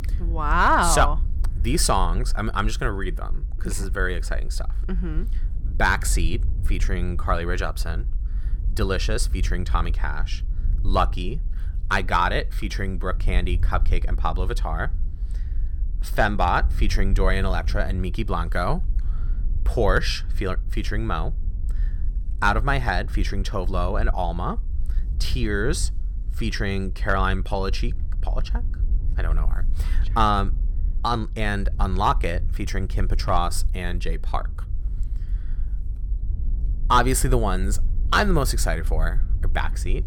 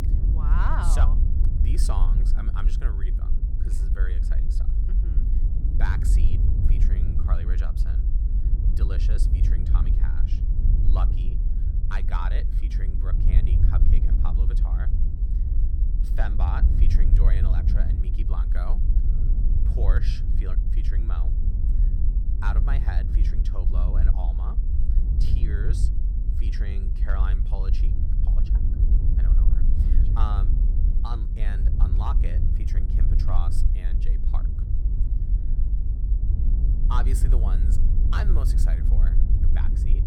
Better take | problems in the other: first | low rumble; loud; throughout; 4 dB below the speech; faint in the first

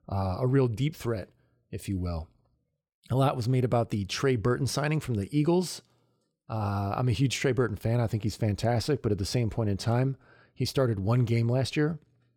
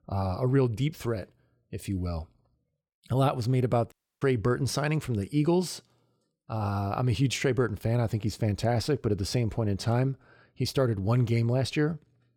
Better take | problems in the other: first | audio cutting out; at 4 s

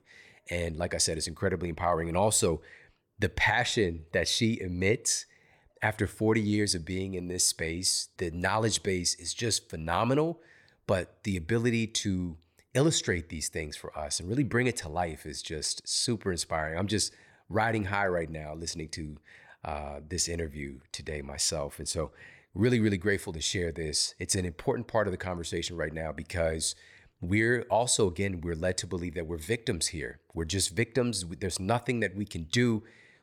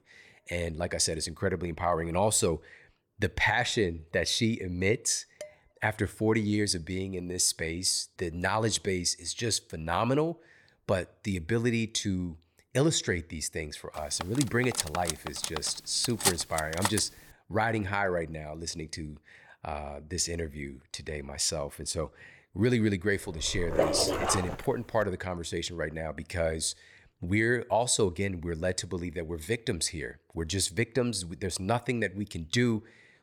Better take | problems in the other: first | clattering dishes; faint; at 5.5 s; peak 15 dB below the speech // clattering dishes; loud; from 14 to 17 s; peak 2 dB above the speech // dog barking; loud; from 24 to 25 s; peak 2 dB above the speech

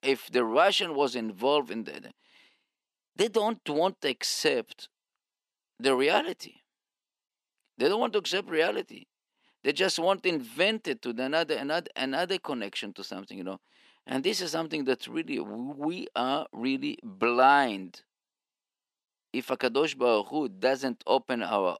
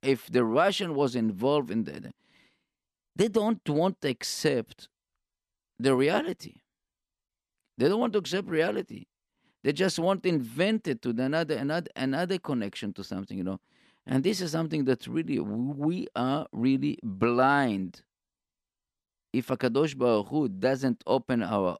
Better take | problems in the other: second | thin; somewhat; fading below 350 Hz

